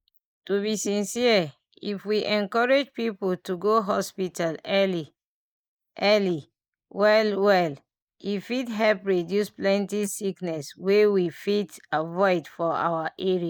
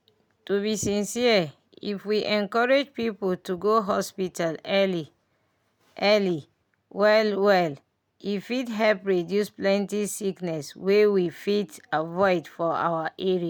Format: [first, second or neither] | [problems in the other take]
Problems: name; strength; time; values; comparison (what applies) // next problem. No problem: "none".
second | noise reduction (neural mask model Resemble Enhance denoiser)